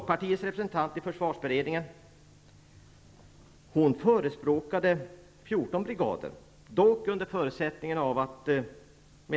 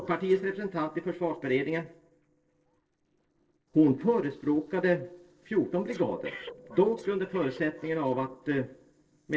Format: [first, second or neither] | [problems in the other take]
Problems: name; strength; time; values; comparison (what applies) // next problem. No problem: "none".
first | noise reduction (neural separator model SepFormer DNS4)